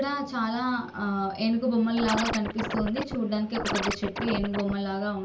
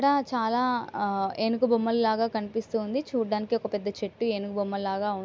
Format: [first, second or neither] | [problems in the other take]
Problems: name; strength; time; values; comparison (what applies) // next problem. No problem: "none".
second | background sound (Scratching (performance technique)); 4 dB below the speech // room echo; dies away in 0.3 s